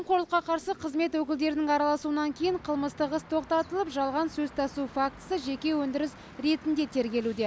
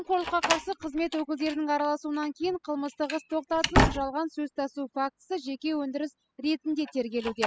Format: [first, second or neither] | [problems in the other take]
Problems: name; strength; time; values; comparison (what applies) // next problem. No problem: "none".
first | noise reduction (classical method spectral subtraction)